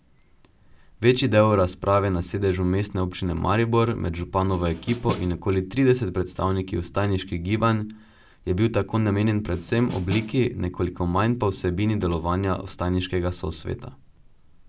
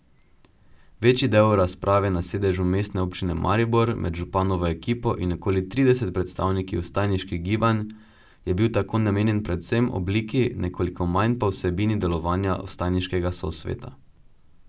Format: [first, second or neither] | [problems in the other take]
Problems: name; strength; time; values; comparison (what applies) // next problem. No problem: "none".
second | background sound (Snare drum); 12 dB below the speech